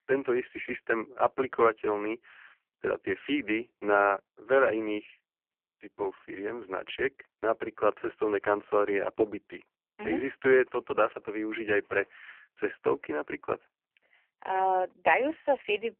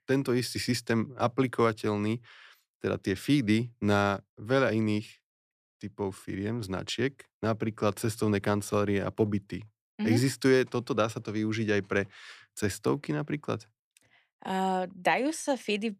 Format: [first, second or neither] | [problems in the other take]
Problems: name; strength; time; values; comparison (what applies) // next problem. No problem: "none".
second | phone-call audio; poor line; nothing above 3 kHz